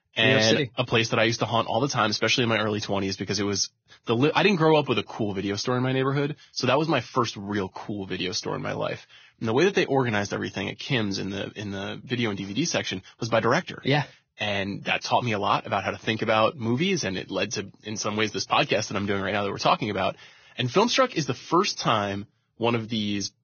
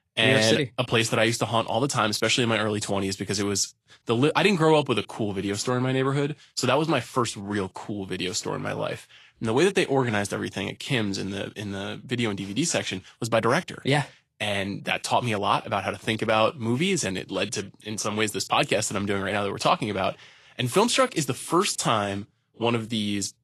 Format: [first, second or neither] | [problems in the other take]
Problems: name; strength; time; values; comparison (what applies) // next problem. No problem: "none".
second | garbled, watery; badly; nothing above 6.5 kHz; slightly in the second